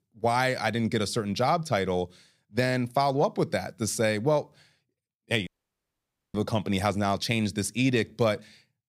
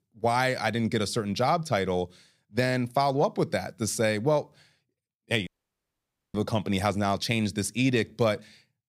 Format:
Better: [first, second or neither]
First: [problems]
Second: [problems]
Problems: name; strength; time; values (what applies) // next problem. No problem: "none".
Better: neither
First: audio cutting out; at 5.5 s for 1 s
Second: audio cutting out; at 5.5 s for 1 s